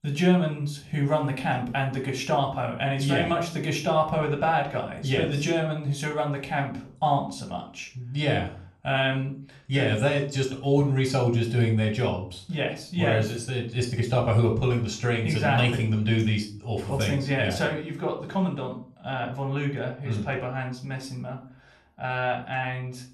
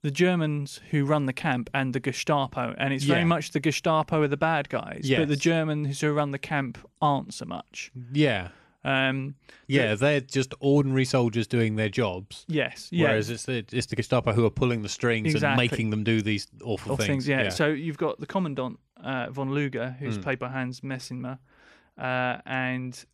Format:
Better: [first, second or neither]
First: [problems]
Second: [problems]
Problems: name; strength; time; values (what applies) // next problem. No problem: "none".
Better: second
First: off-mic speech; somewhat distant // room echo; slight; dies away in 0.3 s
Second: none